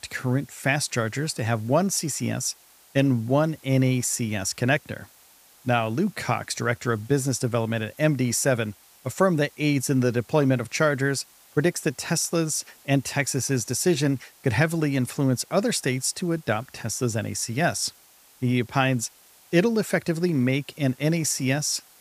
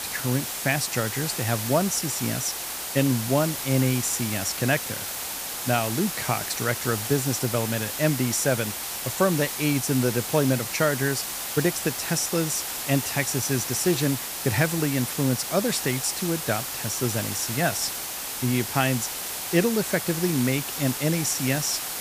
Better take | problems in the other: first | hiss; loud; throughout; 4 dB below the speech; faint in the first

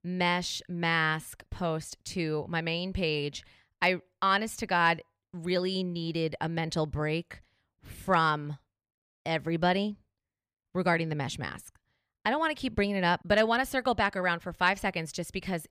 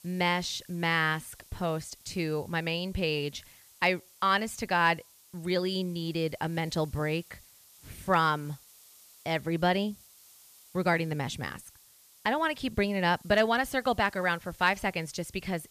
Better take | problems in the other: first | hiss; faint; throughout; 25 dB below the speech

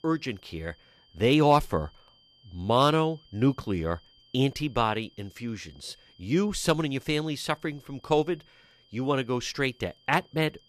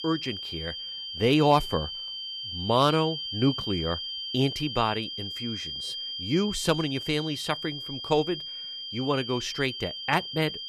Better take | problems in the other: first | high-pitched whine; loud; throughout; 3 kHz, 6 dB below the speech; faint in the first

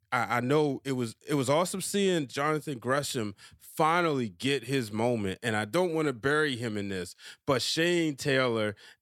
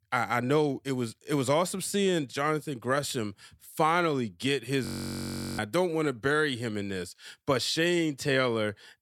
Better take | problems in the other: first | audio freezing; at 5 s for 0.5 s

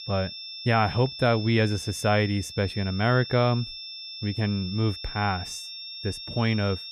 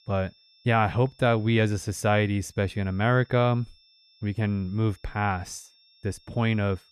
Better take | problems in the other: second | high-pitched whine; loud; throughout; 5.5 kHz, 10 dB below the speech; faint in the second

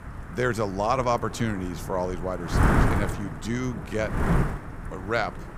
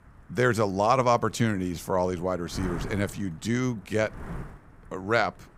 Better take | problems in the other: second | wind noise on the microphone; heavy; 4 dB below the speech; occasional gusts in the second

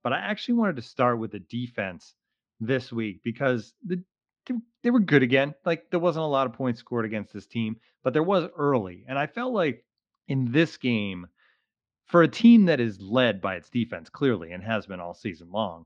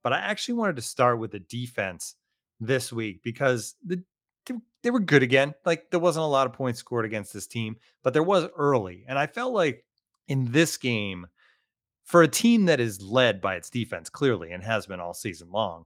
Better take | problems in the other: second | muffled; slightly; fading above 4 kHz

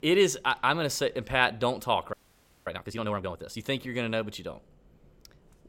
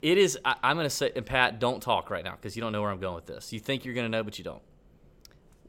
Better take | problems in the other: second | audio freezing; at 2 s for 0.5 s

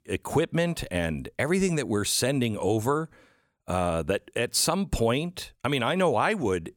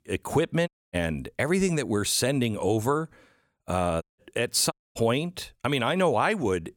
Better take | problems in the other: first | audio cutting out; at 0.5 s, at 4 s and at 4.5 s

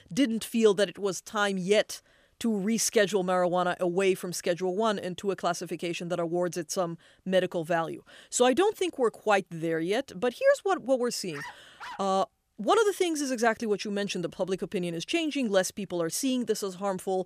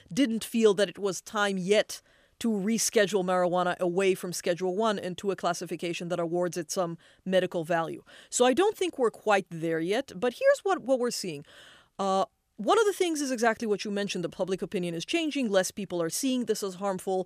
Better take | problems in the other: second | dog barking; faint; at 11 s; peak 15 dB below the speech

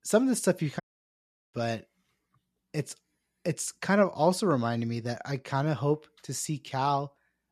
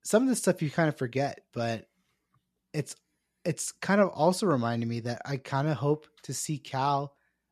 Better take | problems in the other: second | audio cutting out; at 1 s for 0.5 s

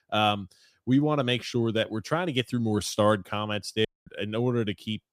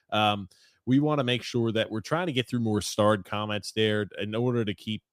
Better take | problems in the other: second | audio cutting out; at 4 s

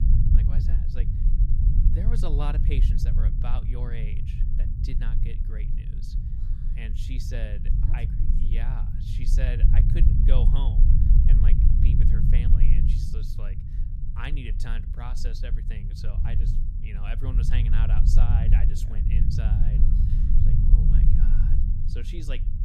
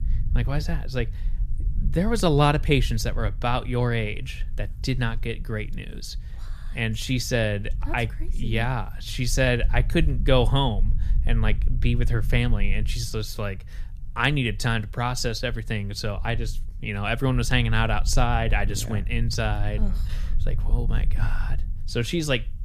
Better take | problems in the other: second | low rumble; loud; throughout; as loud as the speech; faint in the second

